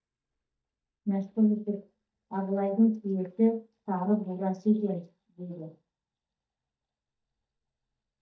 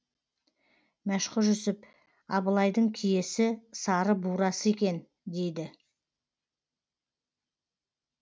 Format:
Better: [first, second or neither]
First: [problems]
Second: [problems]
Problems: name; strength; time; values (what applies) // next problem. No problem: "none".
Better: second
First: noise reduction (neural mask model DeepFilterNet 3)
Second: none